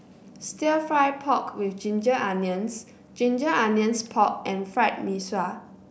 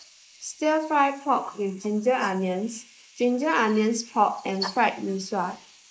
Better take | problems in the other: first | noise reduction (neural mask model Resemble Enhance denoiser)

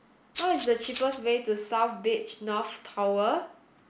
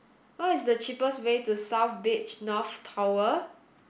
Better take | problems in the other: second | background sound (Rattle (instrument)); 13 dB below the speech

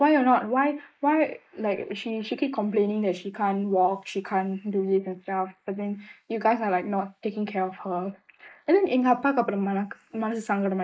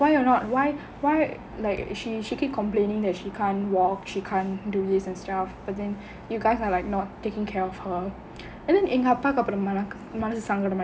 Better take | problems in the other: second | noise reduction (neural mask model Resemble Enhance denoiser)

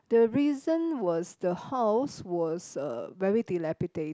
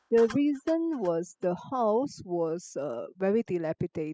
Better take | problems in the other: first | noise reduction (classical method spectral subtraction)

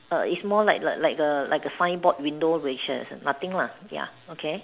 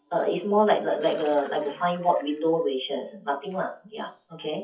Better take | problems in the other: first | noise reduction (classical method WPE with log-MMSE)

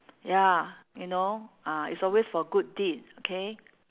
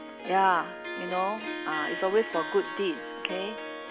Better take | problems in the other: first | background sound (Harp); 7 dB below the speech

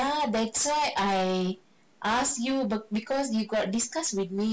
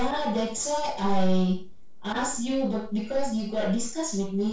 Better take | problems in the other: first | noise reduction (neural separator model SepFormer DNS4)

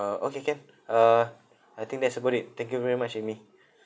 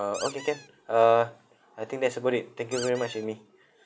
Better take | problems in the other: first | background sound (Squeak); 13 dB below the speech

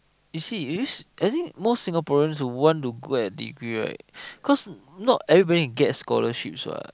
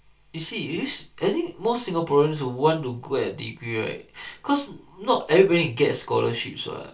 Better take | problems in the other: first | room echo; dies away in 0.3 s

